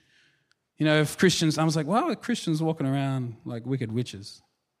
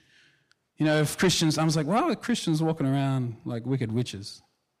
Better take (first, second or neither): first